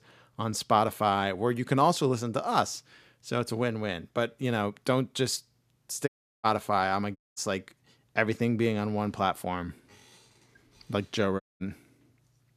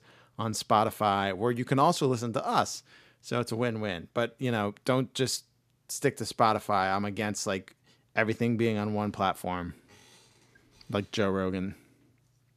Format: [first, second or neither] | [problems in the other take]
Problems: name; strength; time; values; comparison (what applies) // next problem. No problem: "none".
second | audio cutting out; at 6 s, at 7 s and at 11 s